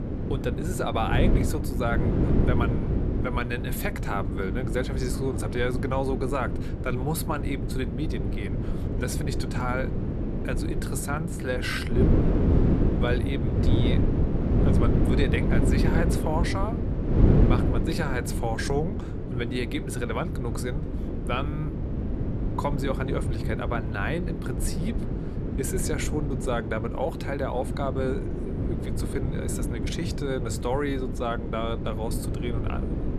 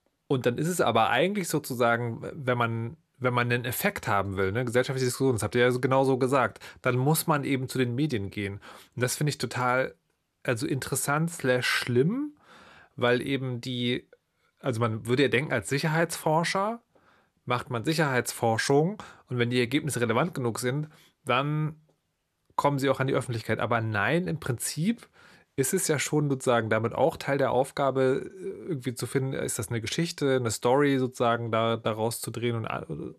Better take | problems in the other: second | wind noise on the microphone; heavy; 3 dB below the speech

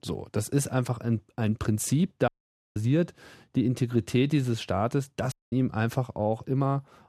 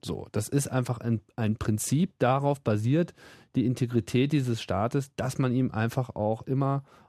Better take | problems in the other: second | audio cutting out; at 2.5 s and at 5.5 s

